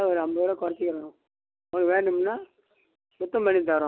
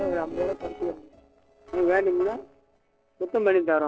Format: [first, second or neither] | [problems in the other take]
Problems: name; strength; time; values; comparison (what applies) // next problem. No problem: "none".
first | noise reduction (neural separator model SepFormer DNS4)